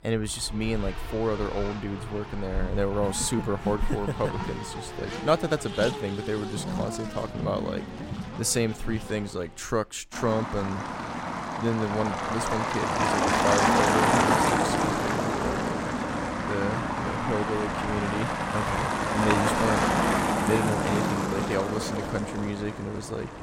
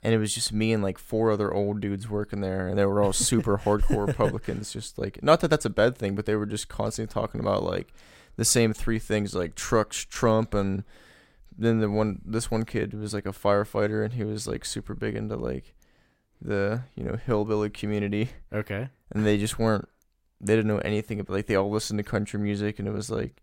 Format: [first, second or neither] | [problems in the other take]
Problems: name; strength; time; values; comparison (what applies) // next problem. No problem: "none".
second | traffic noise; very loud; throughout; 2 dB above the speech